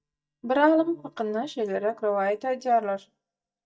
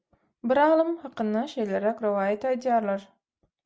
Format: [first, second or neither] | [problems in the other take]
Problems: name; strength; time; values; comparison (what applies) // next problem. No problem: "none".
second | noise reduction (neural mask model DeepFilterNet 3)